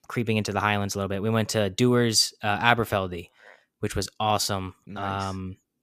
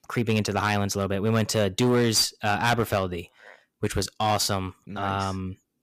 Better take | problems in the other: first | distortion; slight; 6% of the sound clipped

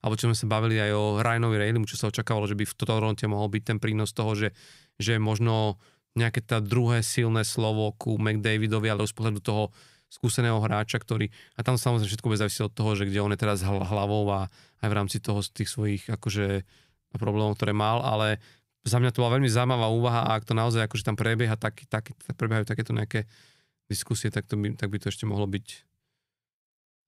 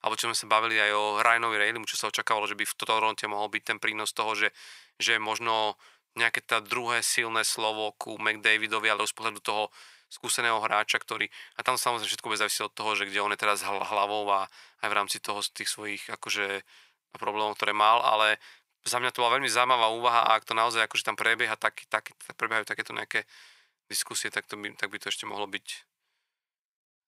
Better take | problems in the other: first | thin; very; fading below 650 Hz

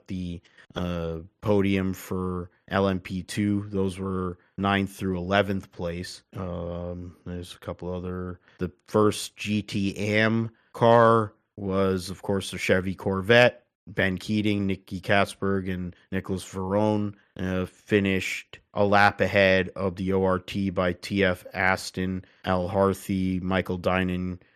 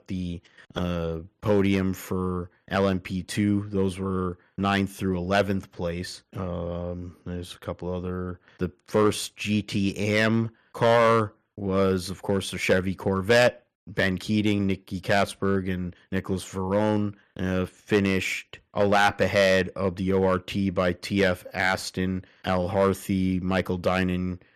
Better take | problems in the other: first | distortion; slight; 1.5% of the sound clipped

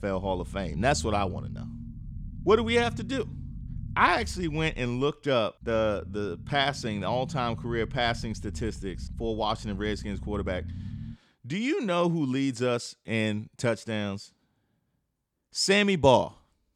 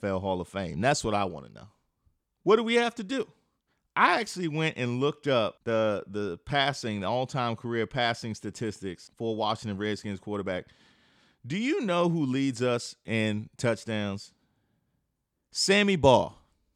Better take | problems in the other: second | low rumble; faint; until 11 s; 25 dB below the speech

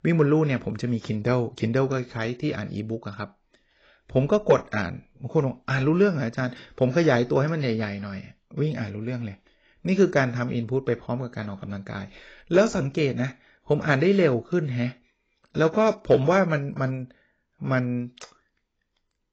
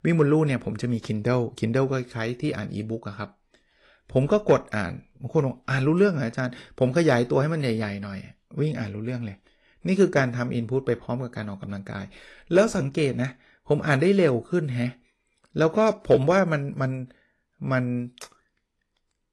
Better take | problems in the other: second | garbled, watery; badly; nothing above 7.5 kHz; slightly in the second

